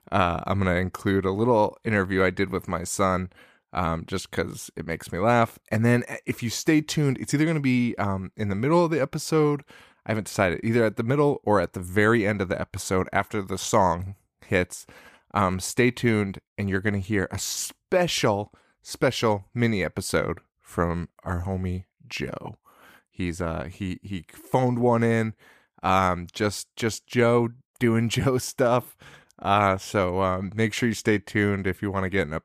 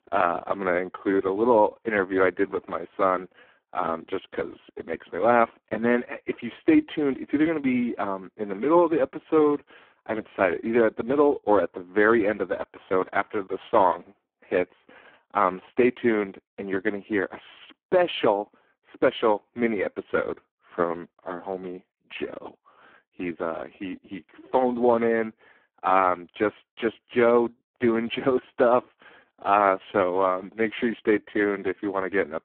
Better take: first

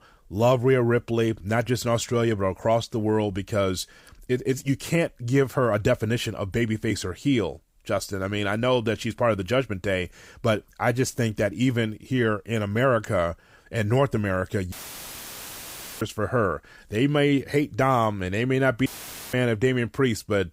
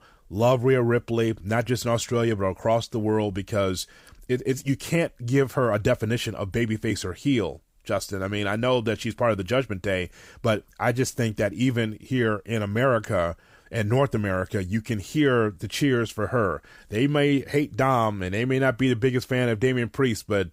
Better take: second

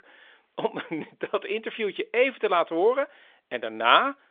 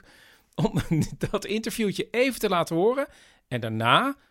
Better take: second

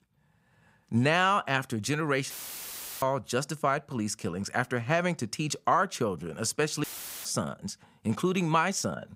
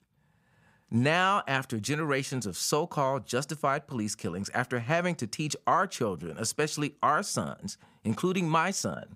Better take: second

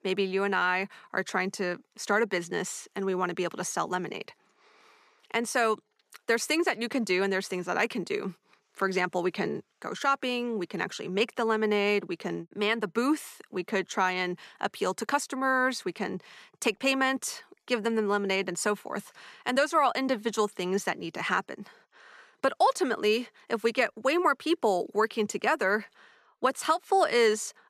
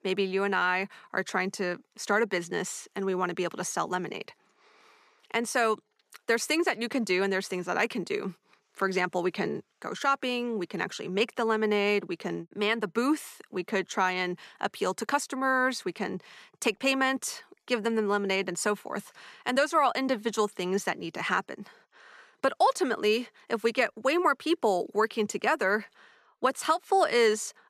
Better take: neither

